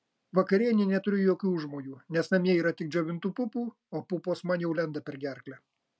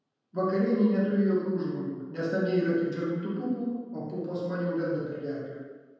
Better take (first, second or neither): first